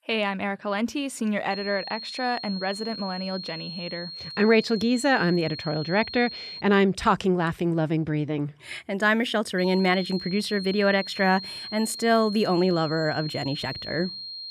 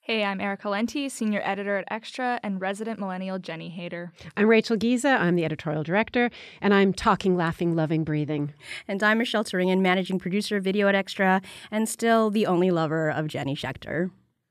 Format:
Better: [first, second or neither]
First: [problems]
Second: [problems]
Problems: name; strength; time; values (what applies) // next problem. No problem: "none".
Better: second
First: high-pitched whine; loud; from 1.5 to 6.5 s and from 9.5 s on; 4 kHz, 10 dB below the speech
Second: none